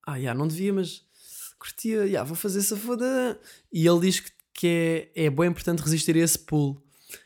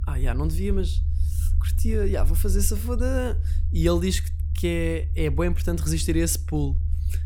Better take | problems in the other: first | low rumble; noticeable; throughout; 15 dB below the speech

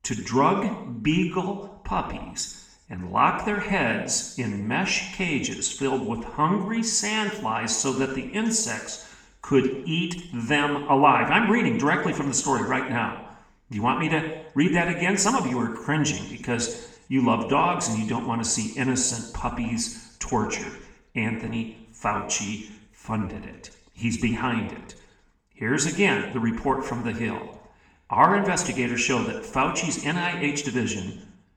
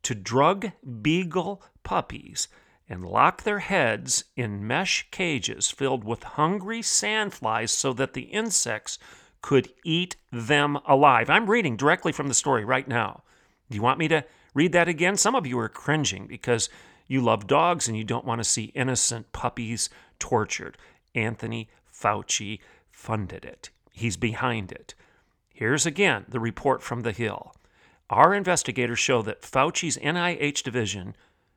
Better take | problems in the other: second | room echo; noticeable; dies away in 0.8 s // off-mic speech; far

